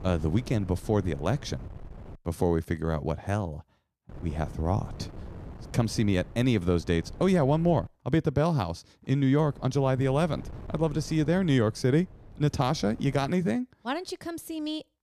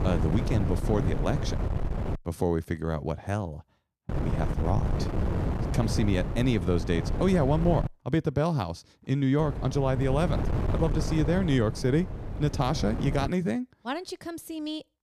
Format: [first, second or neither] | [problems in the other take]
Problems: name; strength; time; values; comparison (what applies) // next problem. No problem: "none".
first | wind noise on the microphone; heavy; until 2 s, from 4 to 8 s and from 9.5 to 13 s; 7 dB below the speech; occasional gusts in the first